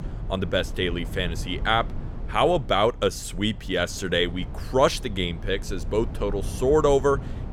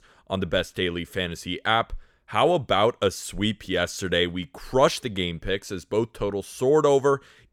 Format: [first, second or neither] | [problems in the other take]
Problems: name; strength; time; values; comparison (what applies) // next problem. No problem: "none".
second | low rumble; faint; throughout; 20 dB below the speech